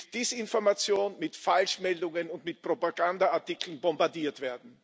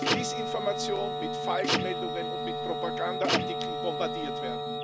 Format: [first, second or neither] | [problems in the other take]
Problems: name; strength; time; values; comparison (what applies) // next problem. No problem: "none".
first | background sound (Wind instrument, woodwind instrument + Printer); 4 dB above the speech